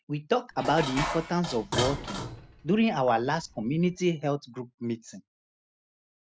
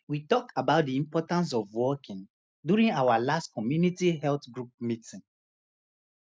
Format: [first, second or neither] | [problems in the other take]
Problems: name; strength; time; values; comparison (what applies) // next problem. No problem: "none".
second | background sound (Dishes, pots, and pans); 7 dB below the speech